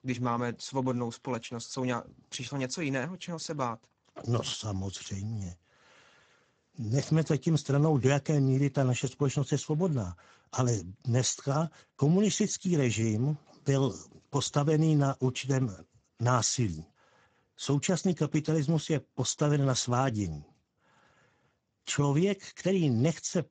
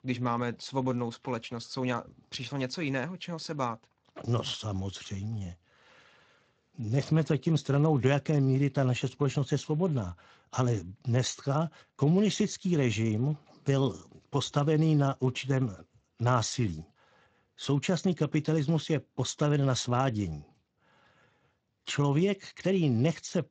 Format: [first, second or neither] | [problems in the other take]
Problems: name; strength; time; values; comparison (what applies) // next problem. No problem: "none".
second | garbled, watery; badly; nothing above 7.5 kHz; slightly in the second